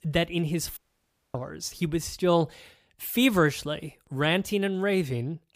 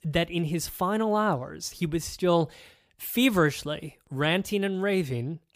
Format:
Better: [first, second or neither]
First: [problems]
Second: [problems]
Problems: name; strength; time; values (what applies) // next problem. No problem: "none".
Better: second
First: audio cutting out; at 1 s for 0.5 s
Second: none